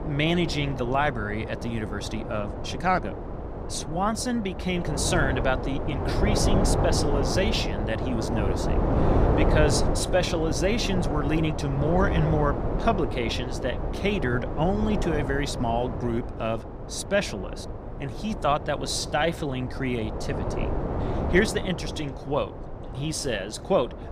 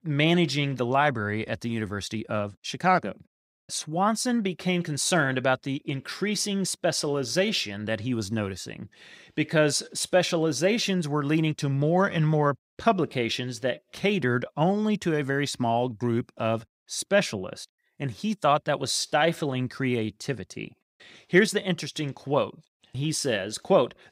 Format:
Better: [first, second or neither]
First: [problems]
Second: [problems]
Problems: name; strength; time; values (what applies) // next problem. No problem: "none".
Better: second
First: wind noise on the microphone; heavy; 5 dB below the speech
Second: none